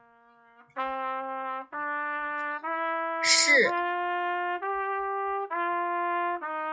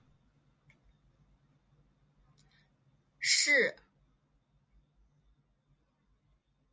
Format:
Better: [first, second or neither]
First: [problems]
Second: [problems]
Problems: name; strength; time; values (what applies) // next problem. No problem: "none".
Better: second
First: noise reduction (classical method log-MMSE)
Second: none